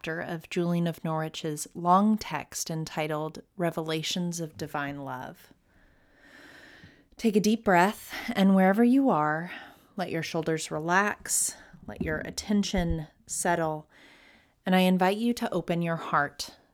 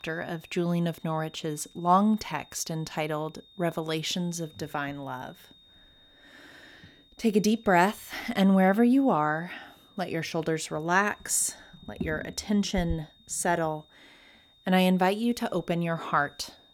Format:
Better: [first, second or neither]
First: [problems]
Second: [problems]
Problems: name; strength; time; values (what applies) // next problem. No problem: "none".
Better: first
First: none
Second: high-pitched whine; faint; throughout; 3.5 kHz, 30 dB below the speech